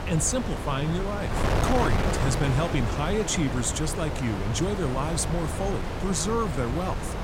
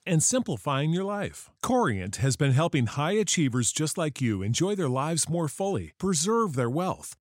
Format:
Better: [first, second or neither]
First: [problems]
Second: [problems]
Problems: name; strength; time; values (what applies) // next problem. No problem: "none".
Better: second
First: wind noise on the microphone; heavy; 2 dB below the speech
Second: none